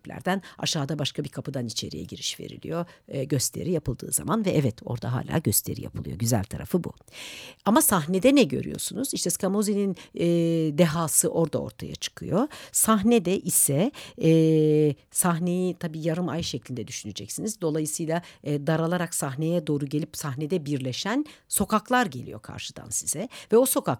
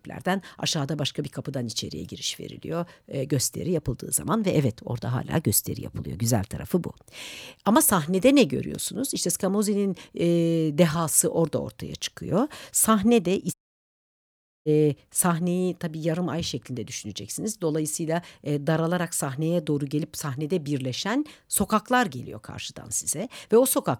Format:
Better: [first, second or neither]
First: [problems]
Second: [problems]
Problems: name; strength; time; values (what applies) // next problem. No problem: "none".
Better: first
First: none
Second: audio cutting out; at 14 s for 1 s